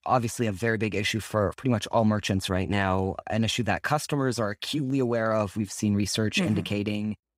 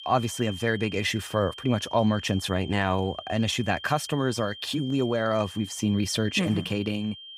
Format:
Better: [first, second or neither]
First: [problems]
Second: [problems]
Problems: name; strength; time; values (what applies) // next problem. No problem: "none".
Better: first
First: none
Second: high-pitched whine; noticeable; throughout; 3 kHz, 15 dB below the speech